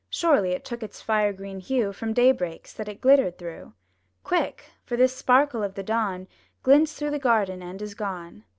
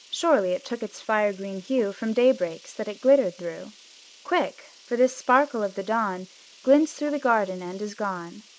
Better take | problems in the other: first | noise reduction (neural mask model Resemble Enhance denoiser)

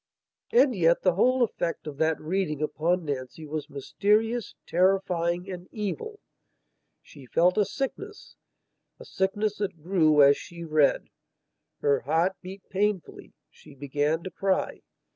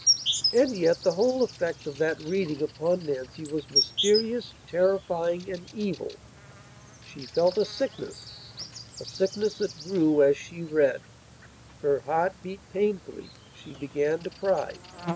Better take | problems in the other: first | background sound (Insect); 8 dB below the speech

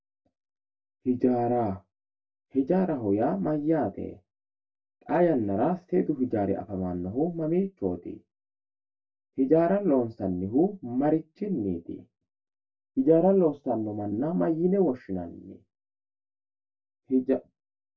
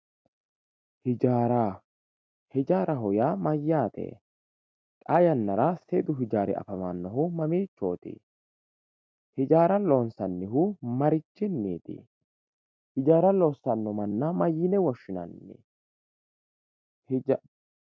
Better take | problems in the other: second | room echo; dies away in 0.1 s

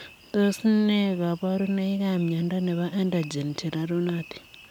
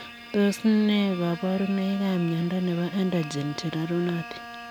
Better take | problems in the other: first | background sound (Bowed string instrument); 16 dB below the speech

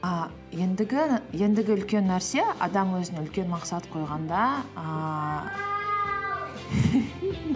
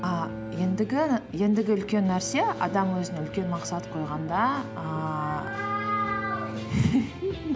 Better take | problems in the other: first | background sound (Bowed string instrument); 11 dB below the speech

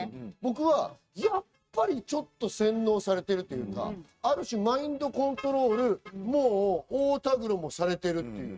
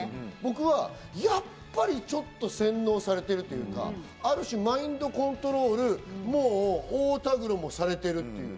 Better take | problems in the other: second | noise reduction (neural mask model RNNoise)

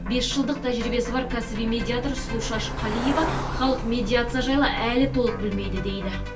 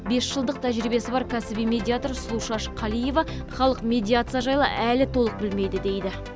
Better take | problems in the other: second | background sound (Cricket); 13 dB below the speech // room echo; dies away in 0.3 s

